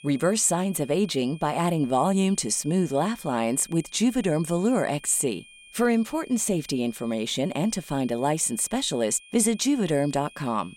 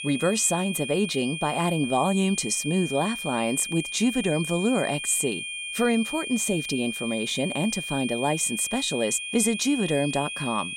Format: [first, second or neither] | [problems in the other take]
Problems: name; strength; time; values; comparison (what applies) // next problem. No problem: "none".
first | high-pitched whine; loud; throughout; 2.5 kHz, 6 dB below the speech; faint in the first